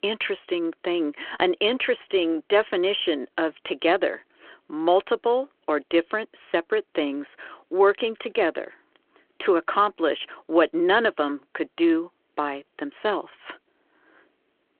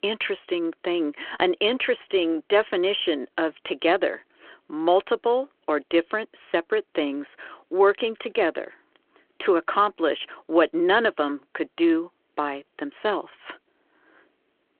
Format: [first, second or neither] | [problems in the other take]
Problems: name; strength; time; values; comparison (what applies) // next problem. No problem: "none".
neither | phone-call audio; the same in both